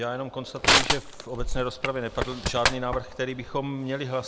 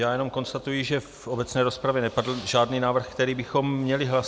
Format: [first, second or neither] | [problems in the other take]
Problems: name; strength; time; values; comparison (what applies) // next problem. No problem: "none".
second | background sound (Crushing); 3 dB above the speech